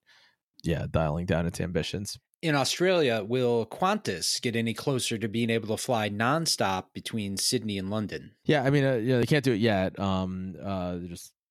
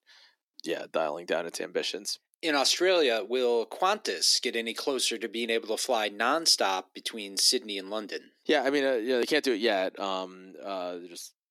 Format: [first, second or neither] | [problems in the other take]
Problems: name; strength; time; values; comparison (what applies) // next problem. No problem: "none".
first | thin; somewhat; fading below 300 Hz